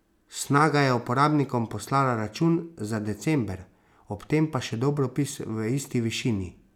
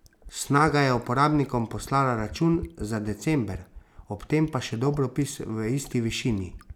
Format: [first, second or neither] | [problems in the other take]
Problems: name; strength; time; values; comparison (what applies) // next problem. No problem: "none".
first | background sound (Fill (with liquid)); 18 dB below the speech